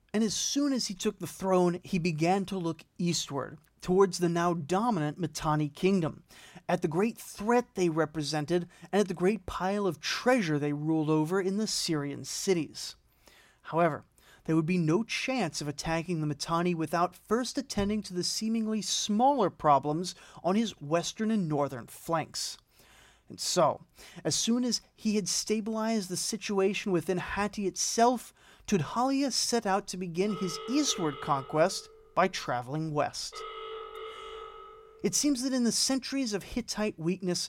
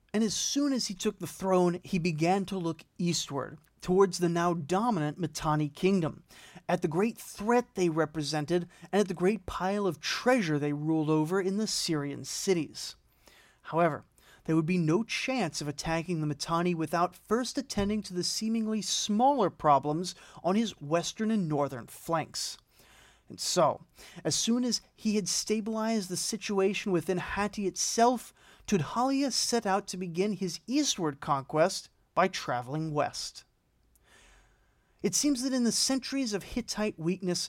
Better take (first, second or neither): second